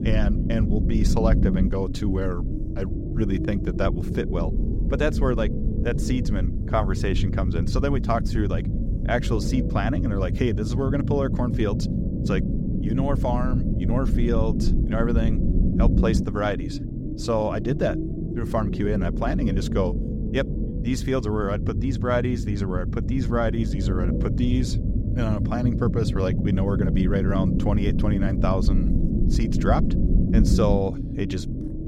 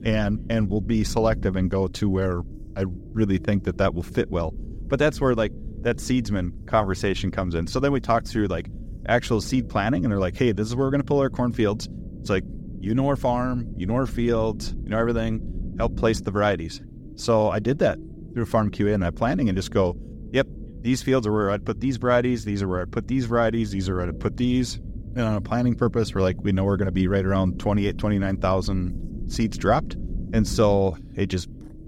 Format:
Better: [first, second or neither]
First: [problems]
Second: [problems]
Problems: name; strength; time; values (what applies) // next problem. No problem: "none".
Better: second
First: low rumble; loud; throughout; 6 dB below the speech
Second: low rumble; faint; throughout; 20 dB below the speech